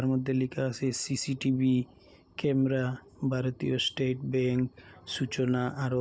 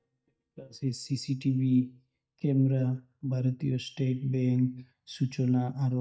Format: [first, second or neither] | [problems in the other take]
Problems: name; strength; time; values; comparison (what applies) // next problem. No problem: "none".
first | noise reduction (neural mask model DeepFilterNet 3)